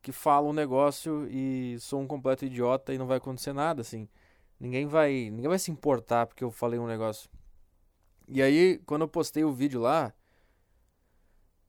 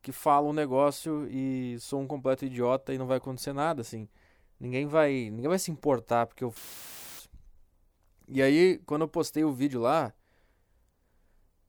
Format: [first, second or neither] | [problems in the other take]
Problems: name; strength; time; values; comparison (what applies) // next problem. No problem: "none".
first | audio cutting out; filled with static; at 6.5 s for 0.5 s